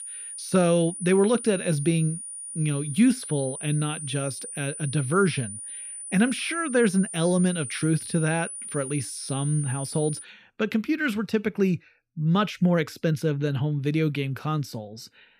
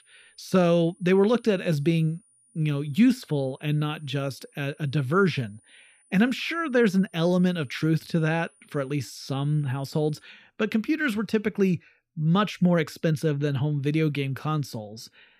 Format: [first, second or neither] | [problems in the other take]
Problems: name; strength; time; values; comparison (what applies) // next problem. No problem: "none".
second | high-pitched whine; loud; until 10 s; 9.5 kHz, 9 dB below the speech; faint in the second